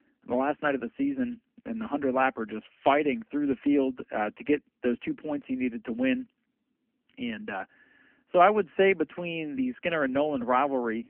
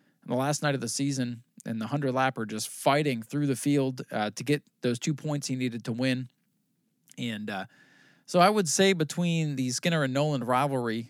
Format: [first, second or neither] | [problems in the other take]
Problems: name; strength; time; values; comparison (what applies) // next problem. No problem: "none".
second | phone-call audio; poor line; nothing above 3 kHz